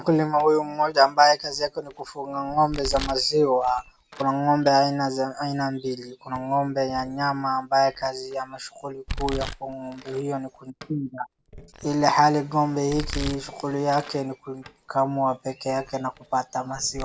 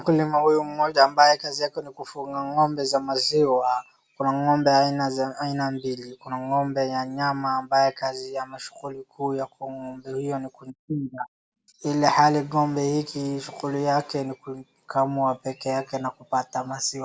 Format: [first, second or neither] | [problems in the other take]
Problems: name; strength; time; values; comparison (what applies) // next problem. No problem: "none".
second | background sound (Domestic sounds, home sounds); 16 dB below the speech